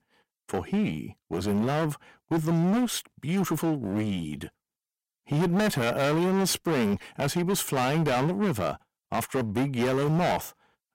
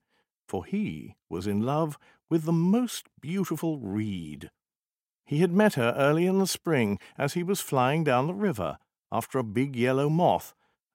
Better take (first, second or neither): second